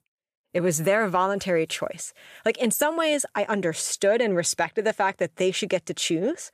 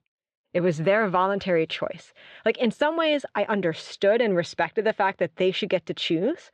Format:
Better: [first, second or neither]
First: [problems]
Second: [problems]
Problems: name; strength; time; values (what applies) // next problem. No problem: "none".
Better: first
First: none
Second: muffled; slightly; fading above 4 kHz